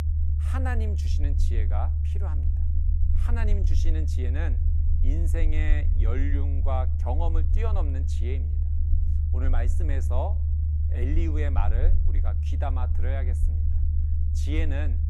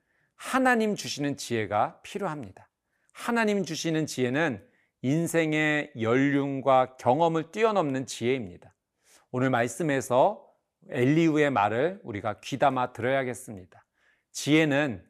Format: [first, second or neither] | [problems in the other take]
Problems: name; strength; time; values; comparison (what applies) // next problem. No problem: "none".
second | low rumble; loud; throughout; 6 dB below the speech